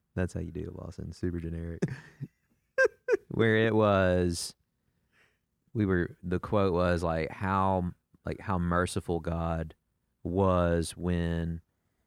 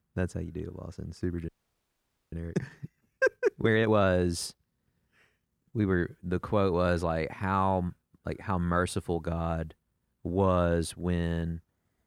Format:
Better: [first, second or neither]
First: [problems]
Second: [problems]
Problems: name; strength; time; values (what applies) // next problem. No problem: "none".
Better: first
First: none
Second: audio freezing; at 1.5 s for 1 s